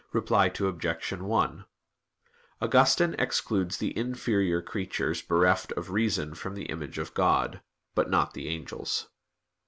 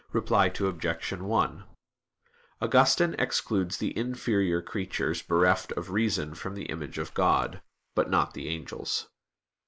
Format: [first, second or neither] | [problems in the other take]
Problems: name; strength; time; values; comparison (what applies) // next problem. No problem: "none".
first | noise reduction (neural mask model Resemble Enhance denoiser)